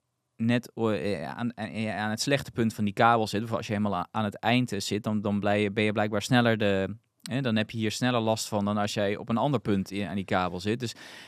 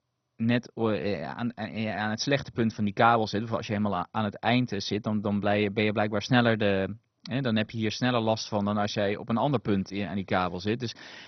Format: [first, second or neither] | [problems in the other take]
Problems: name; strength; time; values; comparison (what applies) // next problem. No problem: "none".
first | garbled, watery; badly; nothing above 6 kHz